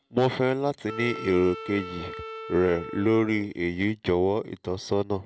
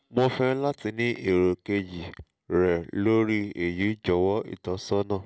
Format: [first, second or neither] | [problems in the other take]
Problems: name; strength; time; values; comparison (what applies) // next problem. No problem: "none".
second | background sound (Wind instrument, woodwind instrument); 13 dB below the speech